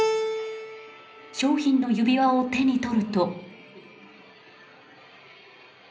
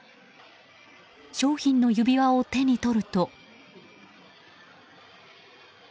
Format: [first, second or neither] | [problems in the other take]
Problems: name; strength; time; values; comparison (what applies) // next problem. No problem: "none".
second | background sound (Keyboard (musical)); 8 dB below the speech // room echo; dies away in 0.5 s